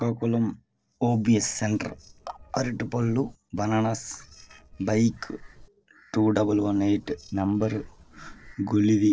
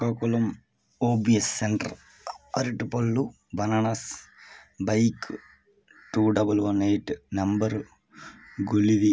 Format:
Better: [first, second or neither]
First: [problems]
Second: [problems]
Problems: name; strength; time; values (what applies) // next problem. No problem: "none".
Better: second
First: noise reduction (neural separator model SepFormer DNS4)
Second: none